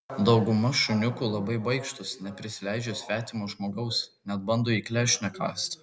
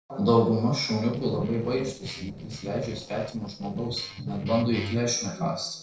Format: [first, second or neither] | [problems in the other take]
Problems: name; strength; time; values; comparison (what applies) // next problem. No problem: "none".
first | noise reduction (neural separator model SepFormer DNS4)